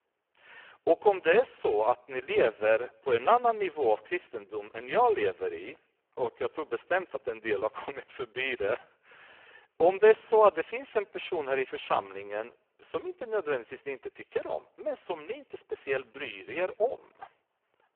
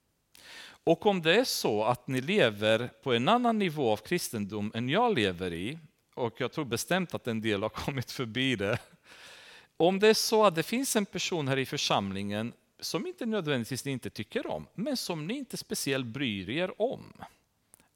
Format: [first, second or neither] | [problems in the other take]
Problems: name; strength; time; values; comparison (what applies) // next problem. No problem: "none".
second | phone-call audio; poor line